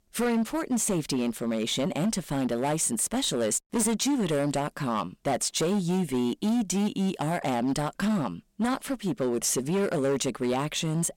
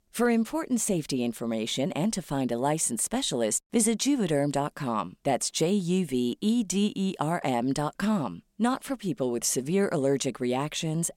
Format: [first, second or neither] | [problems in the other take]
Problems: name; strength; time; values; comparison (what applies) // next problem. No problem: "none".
second | distortion; slight; 15% of the sound clipped